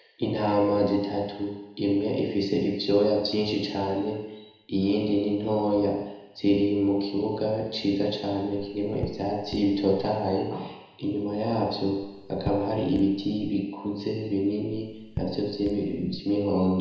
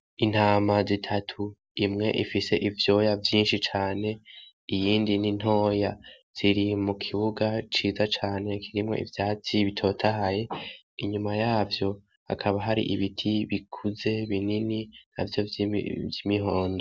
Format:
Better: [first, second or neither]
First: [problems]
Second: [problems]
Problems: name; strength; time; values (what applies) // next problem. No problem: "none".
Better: second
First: background sound (Raindrop / Drip); 14 dB below the speech // room echo; dies away in 1 s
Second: none